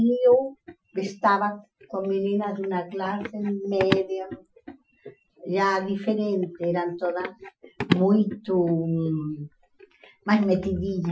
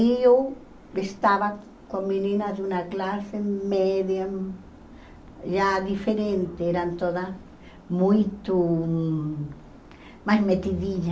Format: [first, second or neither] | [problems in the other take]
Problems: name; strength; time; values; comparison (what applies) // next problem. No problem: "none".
second | noise reduction (classical method Wiener filter)